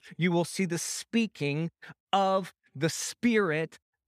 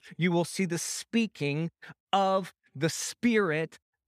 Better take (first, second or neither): neither